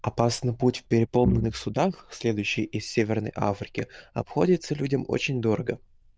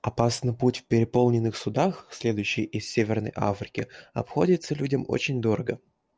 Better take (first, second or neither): second